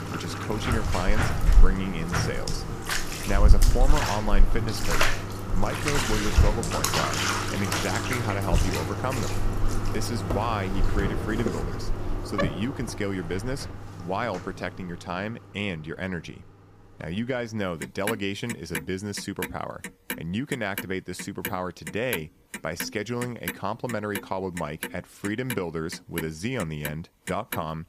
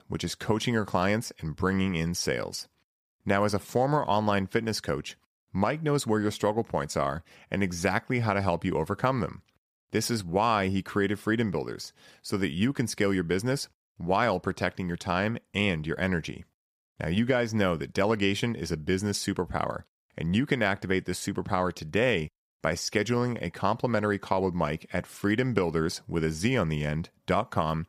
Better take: second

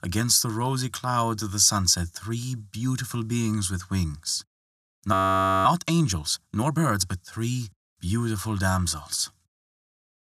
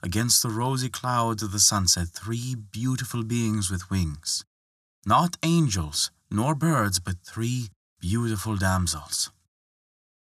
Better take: second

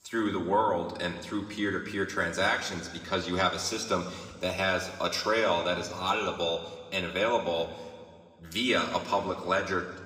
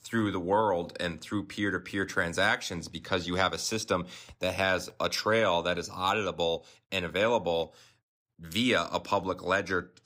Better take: second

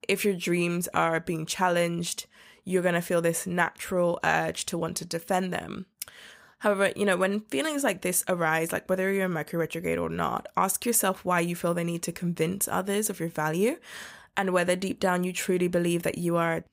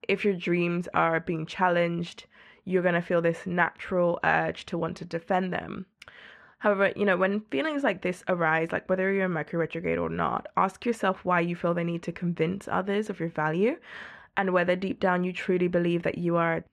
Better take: first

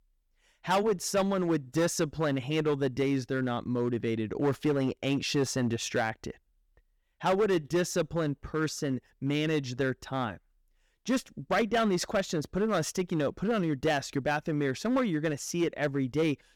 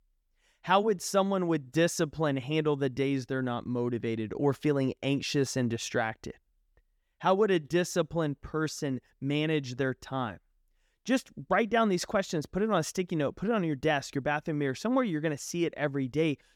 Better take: second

